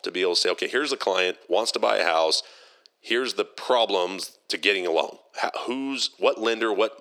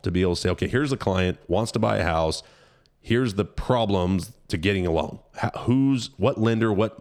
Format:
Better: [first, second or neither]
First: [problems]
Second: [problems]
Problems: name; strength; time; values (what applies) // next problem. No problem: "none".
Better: second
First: thin; very; fading below 350 Hz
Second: none